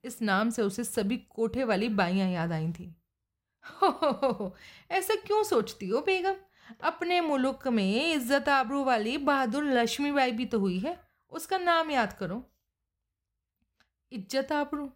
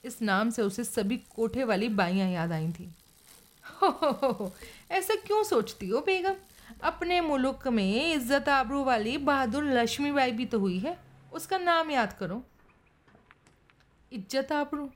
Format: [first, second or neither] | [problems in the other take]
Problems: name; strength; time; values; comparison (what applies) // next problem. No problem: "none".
first | traffic noise; faint; throughout; 25 dB below the speech